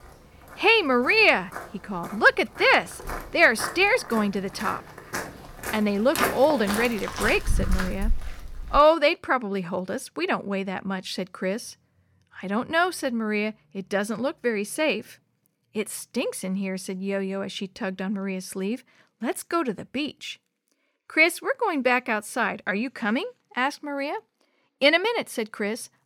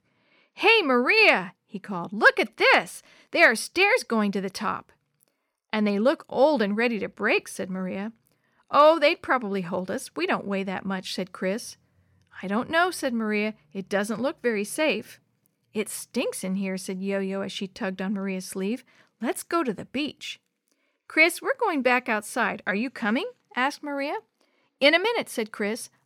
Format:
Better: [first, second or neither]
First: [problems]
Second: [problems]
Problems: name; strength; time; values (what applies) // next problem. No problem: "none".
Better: second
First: footsteps; noticeable; from 1.5 to 9 s; peak 1 dB below the speech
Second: none